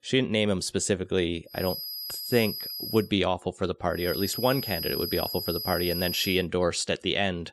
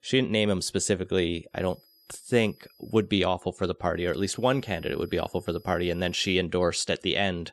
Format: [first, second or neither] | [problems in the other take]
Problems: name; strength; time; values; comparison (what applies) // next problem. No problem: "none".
second | high-pitched whine; loud; from 1.5 to 3 s and from 4 to 6.5 s; 5 kHz, 5 dB below the speech; faint in the second